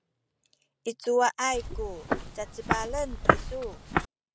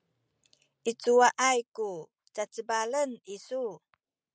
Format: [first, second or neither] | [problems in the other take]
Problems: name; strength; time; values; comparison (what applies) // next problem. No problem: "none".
second | background sound (Walk, footsteps); 3 dB above the speech